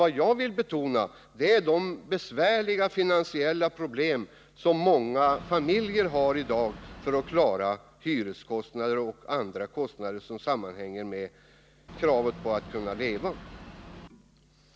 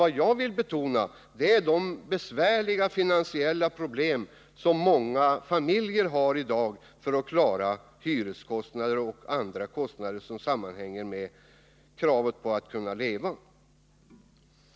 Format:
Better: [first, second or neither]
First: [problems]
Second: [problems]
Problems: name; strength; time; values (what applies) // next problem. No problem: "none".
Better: second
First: background sound (Boat, Water vehicle); 16 dB below the speech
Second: none